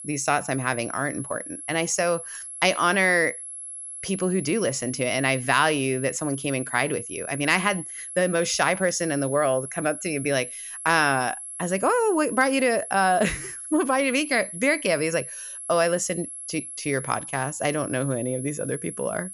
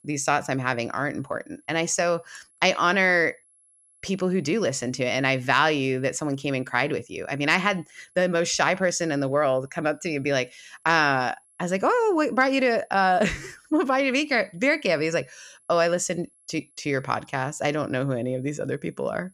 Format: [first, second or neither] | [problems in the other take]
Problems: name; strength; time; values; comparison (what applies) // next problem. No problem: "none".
second | high-pitched whine; loud; throughout; 11 kHz, 10 dB below the speech; faint in the second